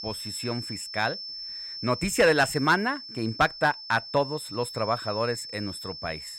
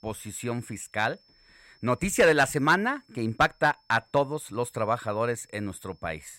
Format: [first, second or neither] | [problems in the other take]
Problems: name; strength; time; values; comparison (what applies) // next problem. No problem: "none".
second | high-pitched whine; loud; throughout; 5.5 kHz, 9 dB below the speech; faint in the second